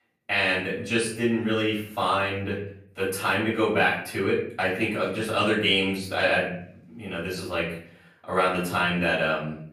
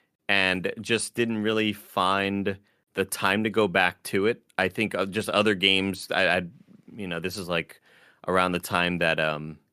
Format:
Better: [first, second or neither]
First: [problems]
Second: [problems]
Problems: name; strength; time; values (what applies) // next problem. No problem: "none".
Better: second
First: off-mic speech; far // room echo; noticeable; dies away in 0.5 s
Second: none